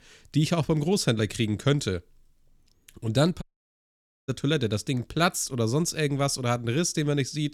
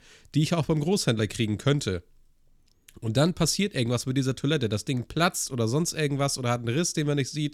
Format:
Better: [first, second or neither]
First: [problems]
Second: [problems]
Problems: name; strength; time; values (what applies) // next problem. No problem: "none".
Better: second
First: audio cutting out; at 3.5 s for 1 s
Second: none